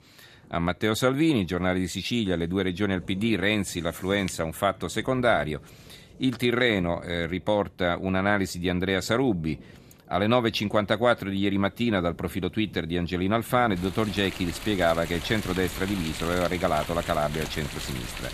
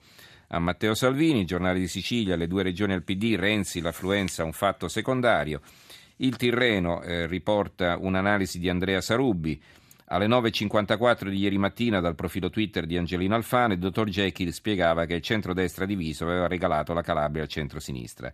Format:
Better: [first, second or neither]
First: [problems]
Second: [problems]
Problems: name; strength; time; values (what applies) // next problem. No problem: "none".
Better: second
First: rain or running water; noticeable; throughout; 15 dB below the speech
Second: none